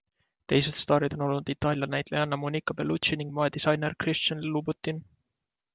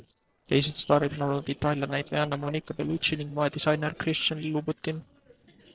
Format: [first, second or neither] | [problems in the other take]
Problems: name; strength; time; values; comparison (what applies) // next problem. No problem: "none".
first | noise reduction (neural separator model SepFormer DNS4)